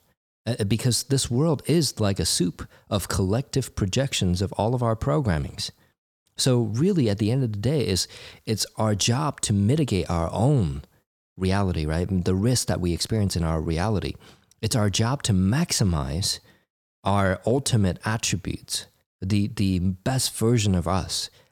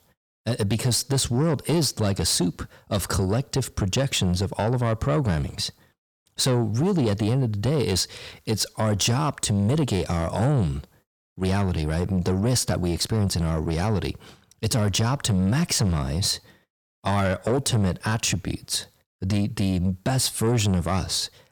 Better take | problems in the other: first | distortion; slight; 10 dB below the speech

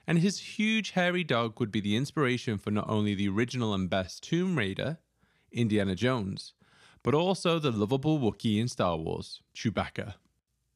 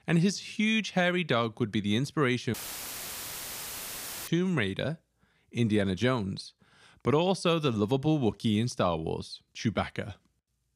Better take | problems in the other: first | audio cutting out; filled with static; at 2.5 s for 1.5 s

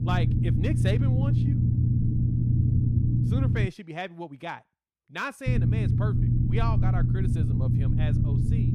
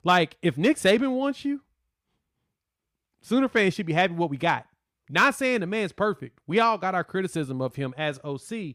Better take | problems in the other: second | low rumble; loud; until 3.5 s and from 5.5 s on; as loud as the speech

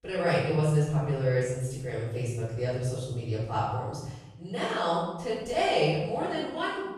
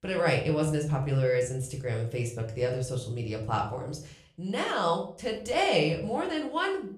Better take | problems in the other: second | room echo; strong; dies away in 1 s; slight in the second // off-mic speech; far; somewhat distant in the second

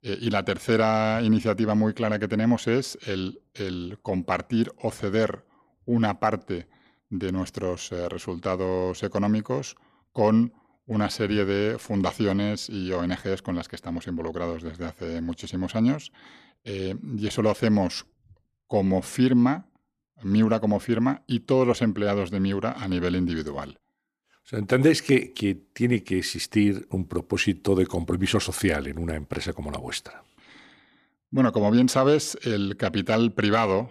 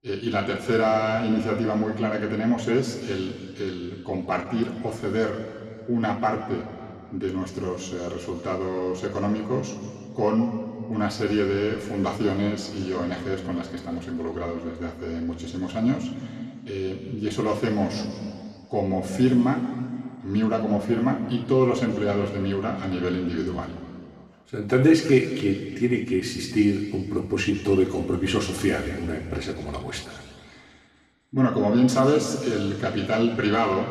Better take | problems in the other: first | room echo; noticeable; dies away in 2.1 s // off-mic speech; far

